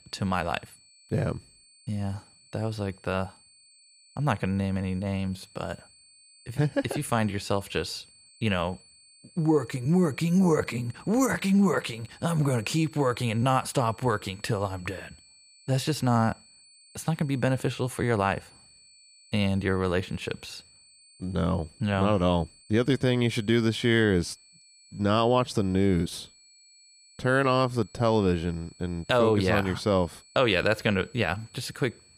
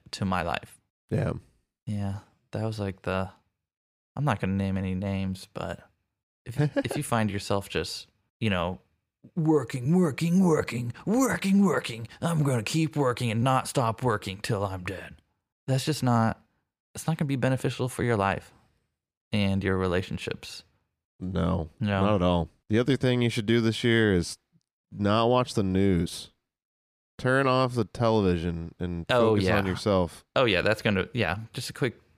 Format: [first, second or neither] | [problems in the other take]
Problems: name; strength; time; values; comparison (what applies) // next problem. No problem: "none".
second | high-pitched whine; faint; throughout; 4.5 kHz, 25 dB below the speech